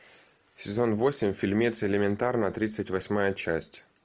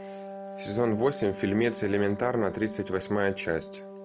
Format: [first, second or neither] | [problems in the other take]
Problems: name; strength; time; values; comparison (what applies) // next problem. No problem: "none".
first | background sound (Wind instrument, woodwind instrument); 12 dB below the speech